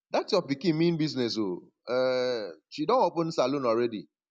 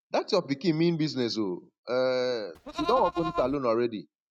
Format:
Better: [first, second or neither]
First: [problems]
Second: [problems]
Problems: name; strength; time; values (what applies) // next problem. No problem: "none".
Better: first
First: none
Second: noise reduction (neural mask model RNNoise)